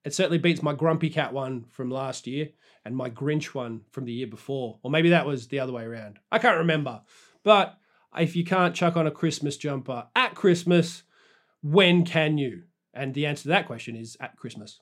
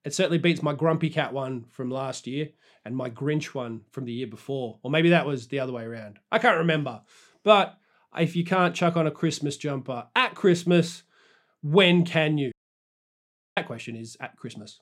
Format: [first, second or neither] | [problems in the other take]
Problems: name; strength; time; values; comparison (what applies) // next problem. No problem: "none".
first | audio cutting out; at 13 s for 1 s